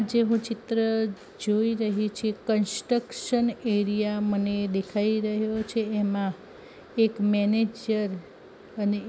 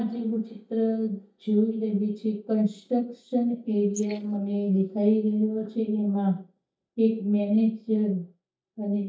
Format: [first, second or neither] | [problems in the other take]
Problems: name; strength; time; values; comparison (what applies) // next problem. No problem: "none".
first | noise reduction (neural mask model DeepFilterNet 3)